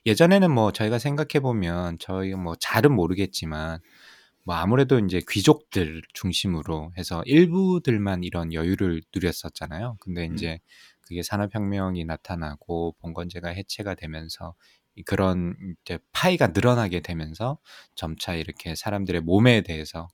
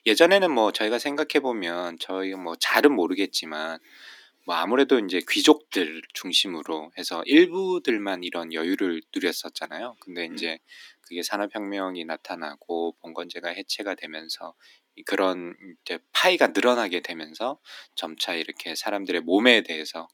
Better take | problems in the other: first | thin; somewhat; fading below 250 Hz

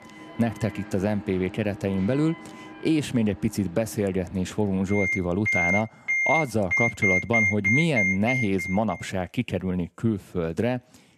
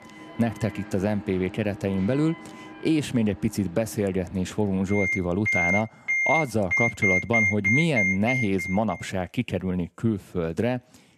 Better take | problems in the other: neither | alarms or sirens; very loud; until 8.5 s; 3 dB above the speech; the same in both

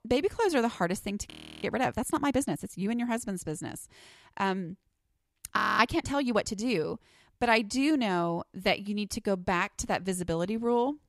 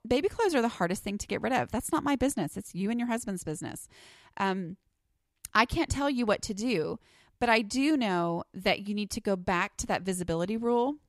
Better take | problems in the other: second | audio freezing; at 1.5 s and at 5.5 s

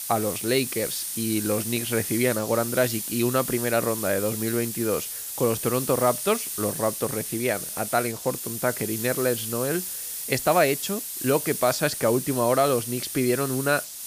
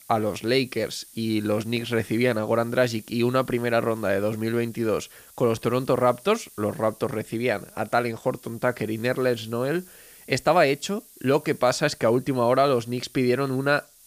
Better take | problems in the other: second | hiss; loud; throughout; 4 dB below the speech; faint in the second

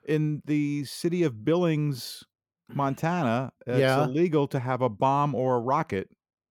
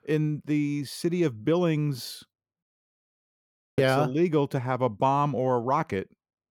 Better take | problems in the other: first | audio cutting out; at 2.5 s for 1 s

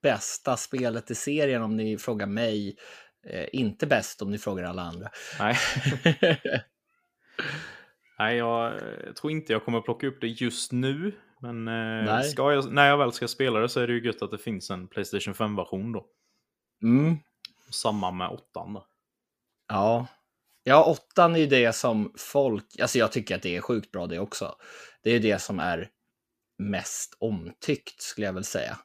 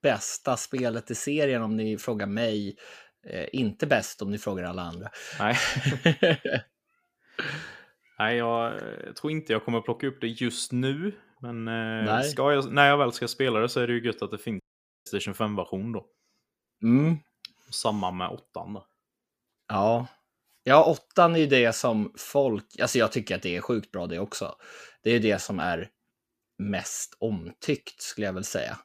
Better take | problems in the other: first | audio cutting out; at 15 s

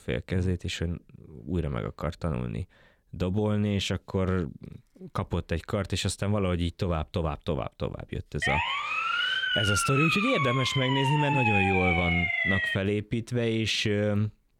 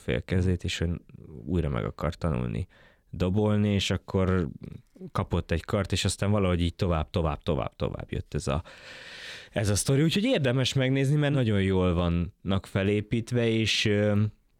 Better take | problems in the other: second | siren; loud; from 8.5 to 13 s; peak 4 dB above the speech

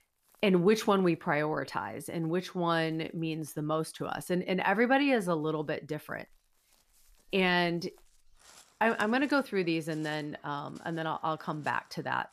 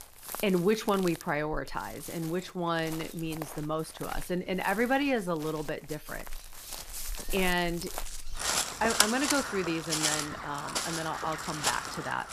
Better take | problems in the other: first | animal sounds; loud; throughout; 2 dB below the speech; faint in the first

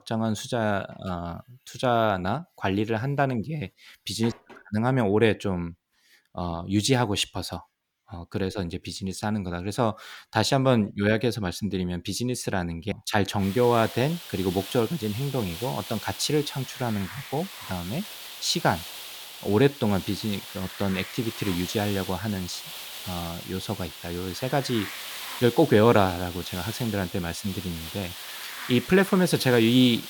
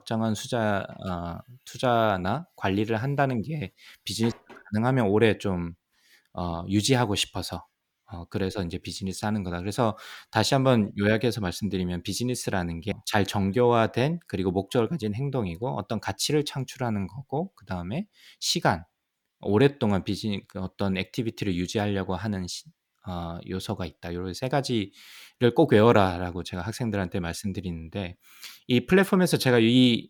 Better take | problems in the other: second | hiss; noticeable; from 13 s on; 10 dB below the speech

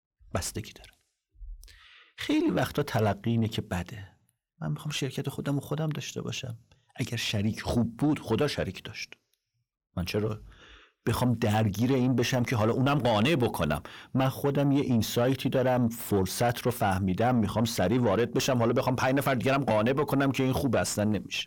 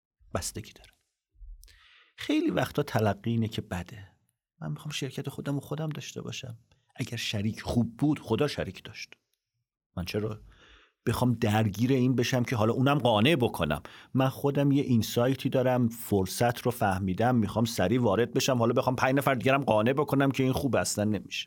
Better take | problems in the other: second | distortion; slight; 10 dB below the speech

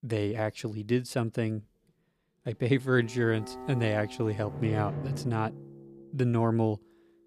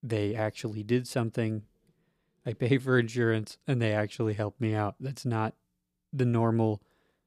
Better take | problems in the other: second | background music; noticeable; from 3 s on; 10 dB below the speech

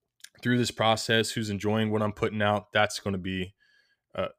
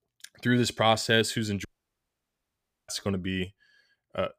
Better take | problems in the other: first | audio cutting out; at 1.5 s for 1 s

